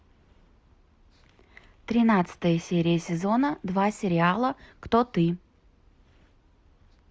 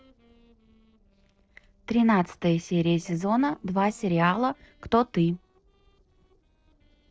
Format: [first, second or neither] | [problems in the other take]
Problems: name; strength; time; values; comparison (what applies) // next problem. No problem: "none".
first | noise reduction (neural separator model SepFormer DNS4)